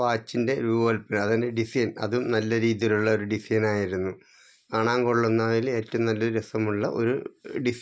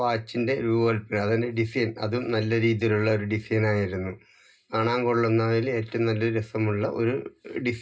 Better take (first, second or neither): first